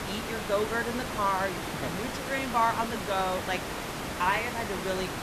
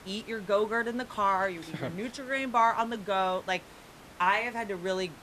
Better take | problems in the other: second | hiss; loud; throughout; 4 dB below the speech; faint in the second

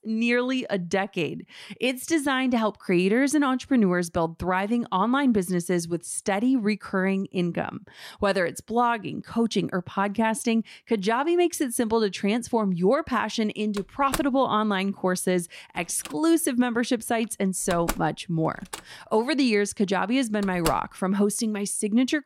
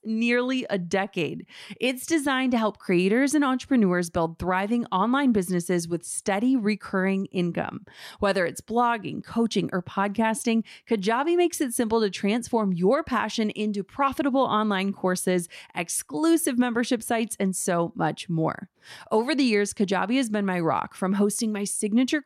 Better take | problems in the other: second | door banging; noticeable; from 14 to 21 s; peak 7 dB below the speech

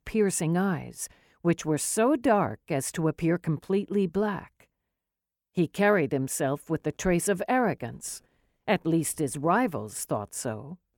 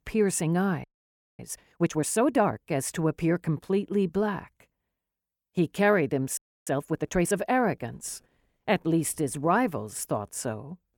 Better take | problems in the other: first | audio freezing; at 1 s for 0.5 s and at 6.5 s

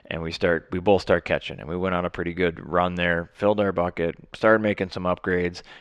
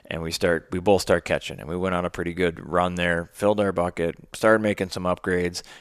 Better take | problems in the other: second | muffled; very slightly; fading above 3 kHz

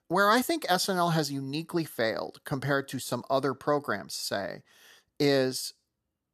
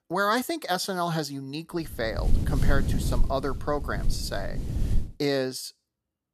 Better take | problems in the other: first | wind noise on the microphone; occasional gusts; from 2 to 5 s; 15 dB below the speech

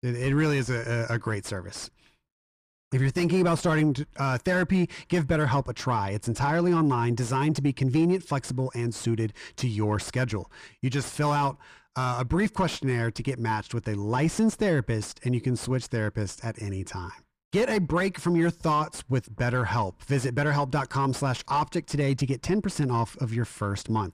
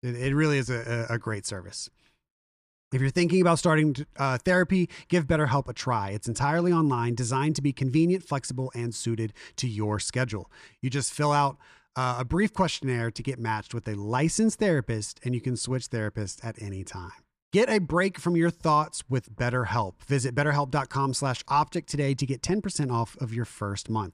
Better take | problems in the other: second | distortion; slight; 10 dB below the speech

